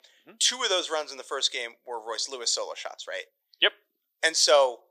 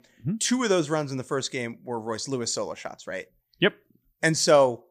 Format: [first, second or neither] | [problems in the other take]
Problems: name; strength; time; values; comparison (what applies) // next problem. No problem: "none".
second | thin; very; fading below 500 Hz